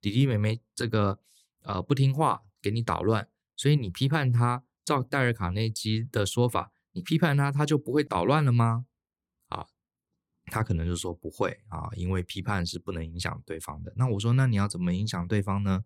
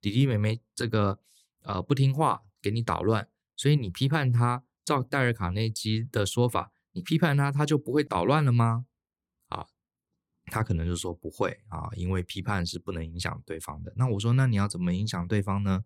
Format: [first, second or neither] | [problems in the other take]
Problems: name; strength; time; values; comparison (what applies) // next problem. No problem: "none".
neither | none